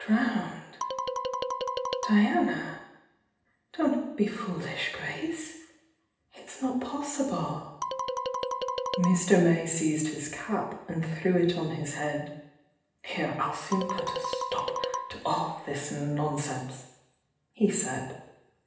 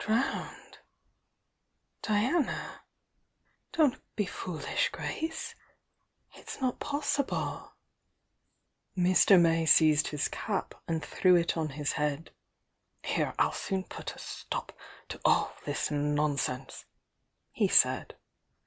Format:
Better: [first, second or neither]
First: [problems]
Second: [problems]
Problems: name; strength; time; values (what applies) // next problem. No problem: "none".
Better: second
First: background sound (Marimba, xylophone); 3 dB below the speech // room echo; dies away in 0.8 s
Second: none